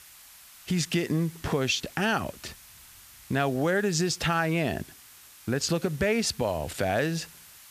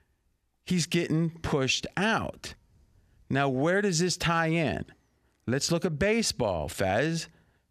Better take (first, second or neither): second